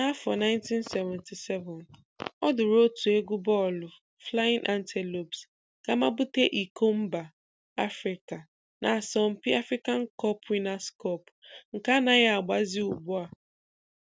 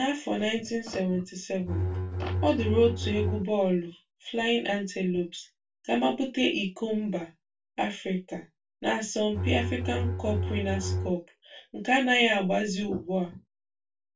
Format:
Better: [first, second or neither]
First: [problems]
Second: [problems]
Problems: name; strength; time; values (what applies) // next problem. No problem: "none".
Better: first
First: none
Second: background sound (Bowed string instrument); 1 dB below the speech // room echo; dies away in 0.2 s